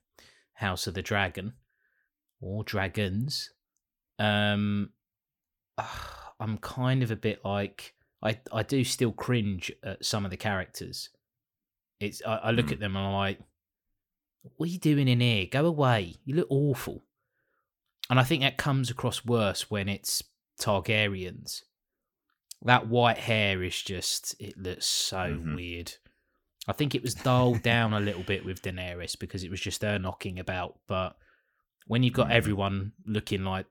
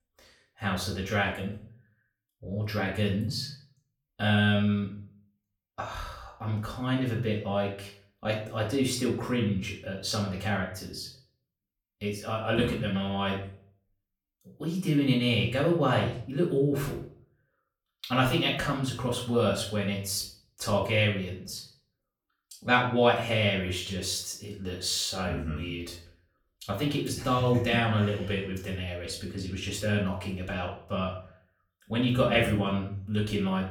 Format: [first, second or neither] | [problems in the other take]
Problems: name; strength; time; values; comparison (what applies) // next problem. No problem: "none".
first | off-mic speech; far // room echo; slight; dies away in 0.4 s